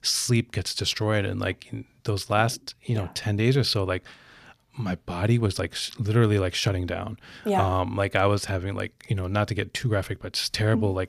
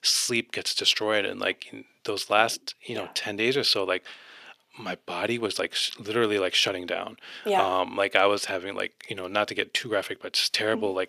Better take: first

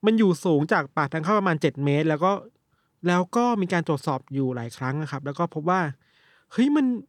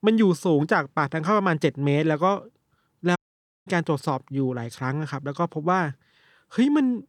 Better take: first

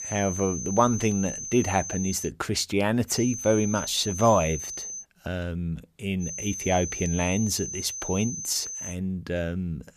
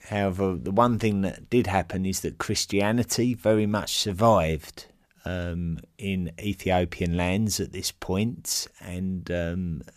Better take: second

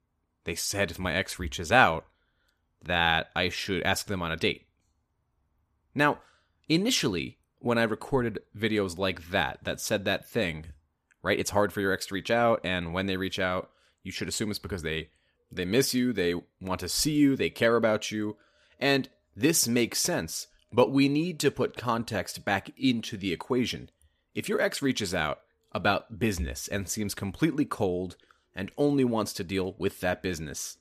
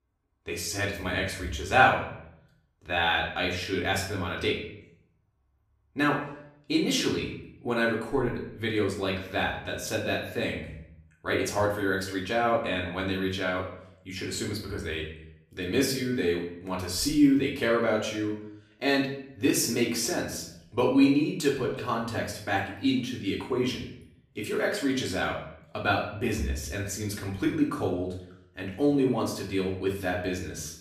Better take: first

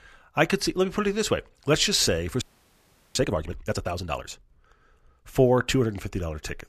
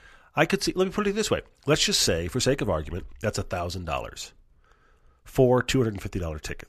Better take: second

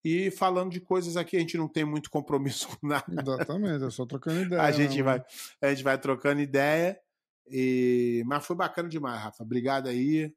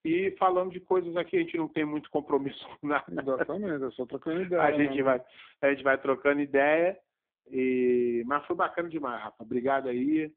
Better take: first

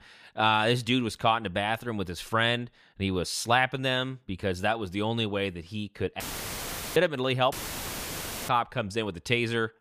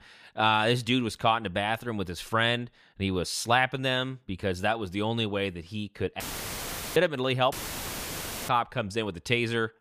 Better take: neither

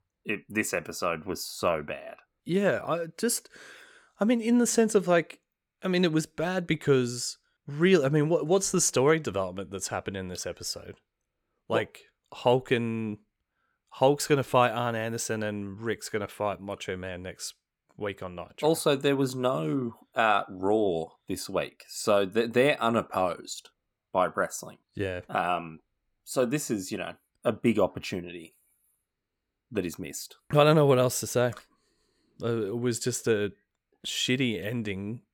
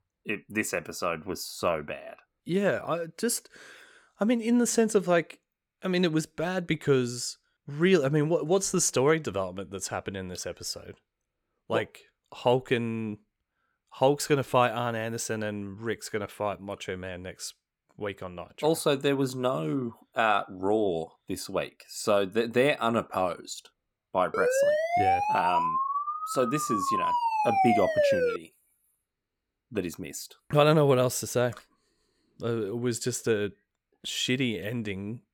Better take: first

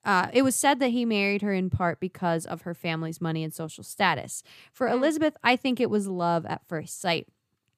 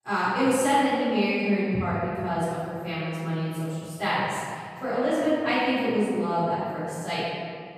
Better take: first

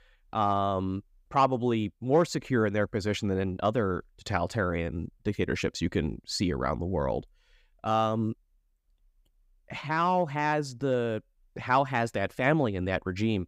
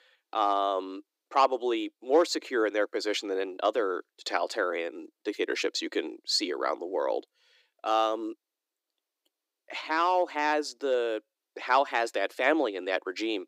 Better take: first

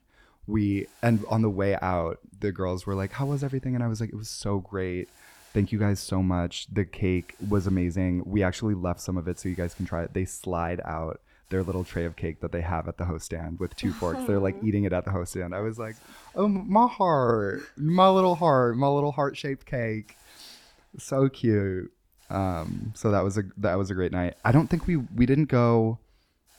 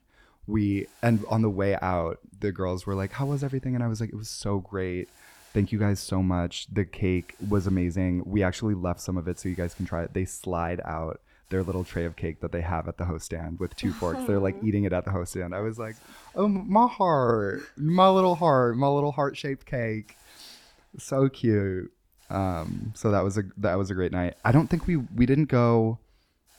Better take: neither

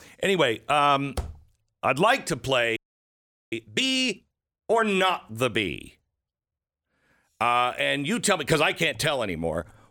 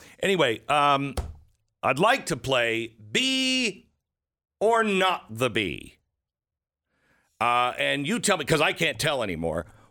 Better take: second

